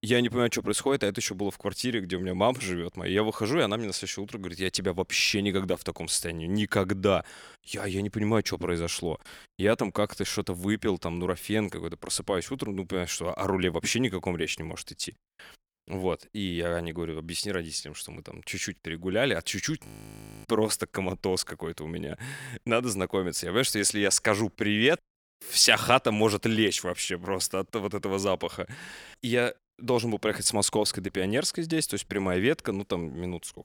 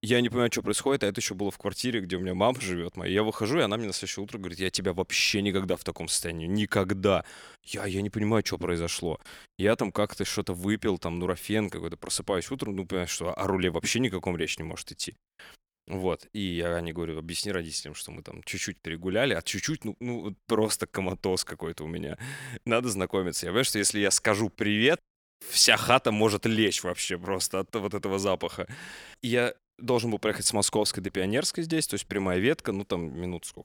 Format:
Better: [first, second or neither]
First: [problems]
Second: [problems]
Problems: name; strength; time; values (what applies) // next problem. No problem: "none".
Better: second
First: audio freezing; at 20 s for 0.5 s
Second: none